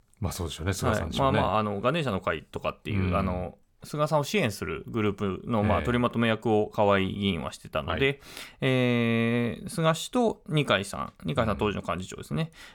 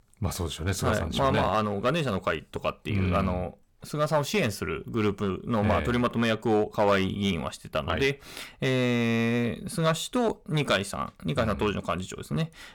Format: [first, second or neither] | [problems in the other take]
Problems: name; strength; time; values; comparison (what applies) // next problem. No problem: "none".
first | distortion; slight; 4% of the sound clipped